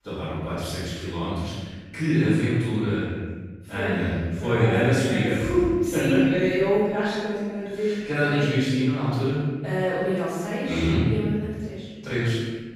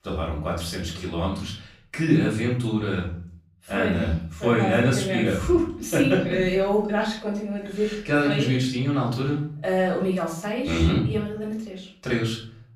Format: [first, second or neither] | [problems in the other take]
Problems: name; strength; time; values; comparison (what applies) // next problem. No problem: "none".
second | room echo; strong; dies away in 1.4 s; slight in the second // off-mic speech; far; far in the second